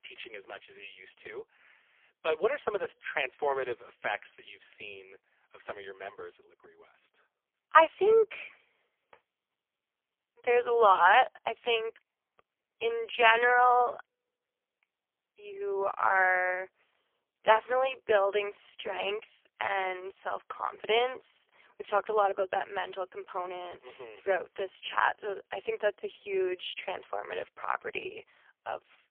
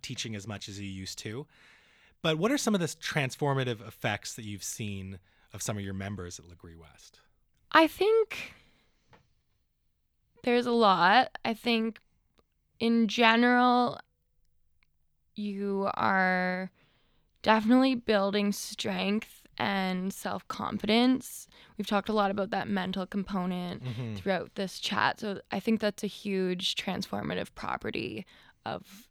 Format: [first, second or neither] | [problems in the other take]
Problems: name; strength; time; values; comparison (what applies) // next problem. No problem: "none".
second | phone-call audio; poor line; nothing above 3 kHz